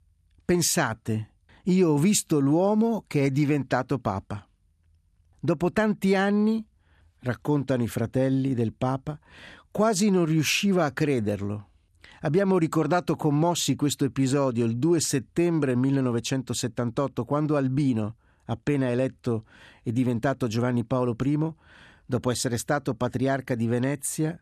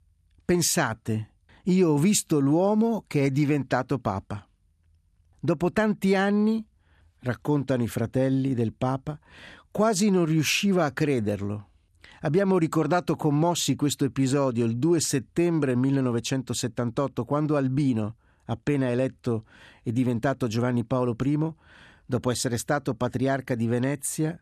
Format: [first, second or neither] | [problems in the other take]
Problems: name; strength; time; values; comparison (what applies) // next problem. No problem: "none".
neither | none